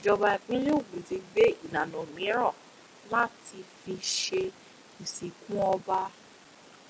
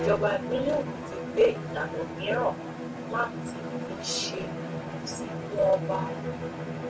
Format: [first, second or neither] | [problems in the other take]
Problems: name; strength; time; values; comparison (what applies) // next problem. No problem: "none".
first | background sound (Bowed string instrument); 4 dB below the speech // room echo; dies away in 0.2 s